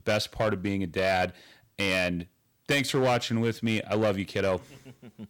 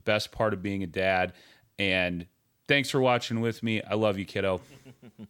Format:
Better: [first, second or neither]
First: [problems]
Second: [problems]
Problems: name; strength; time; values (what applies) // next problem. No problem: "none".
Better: second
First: distortion; slight; 7% of the sound clipped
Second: none